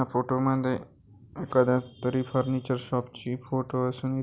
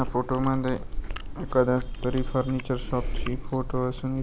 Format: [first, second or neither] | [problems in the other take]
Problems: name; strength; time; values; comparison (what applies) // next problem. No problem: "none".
first | background sound (Chewing, mastication); 4 dB below the speech